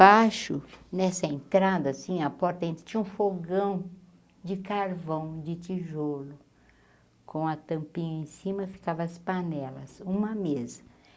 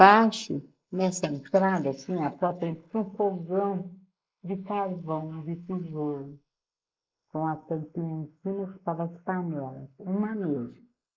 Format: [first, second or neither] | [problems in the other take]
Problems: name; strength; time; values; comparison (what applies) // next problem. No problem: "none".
first | noise reduction (neural mask model Resemble Enhance denoiser)